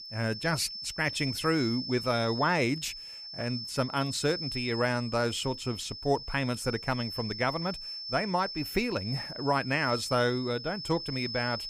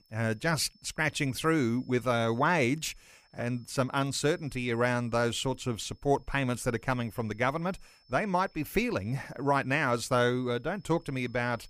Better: second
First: high-pitched whine; loud; throughout; 5.5 kHz, 7 dB below the speech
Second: high-pitched whine; faint; throughout; 5.5 kHz, 35 dB below the speech

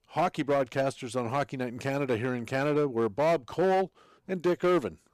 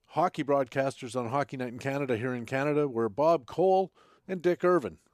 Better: second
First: distortion; slight; 7% of the sound clipped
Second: none

